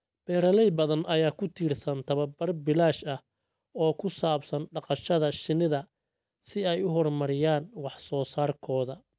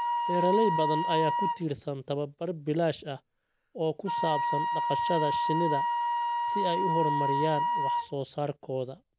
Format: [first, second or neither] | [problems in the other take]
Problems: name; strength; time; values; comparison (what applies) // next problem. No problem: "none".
first | background sound (Wind instrument, woodwind instrument); 1 dB above the speech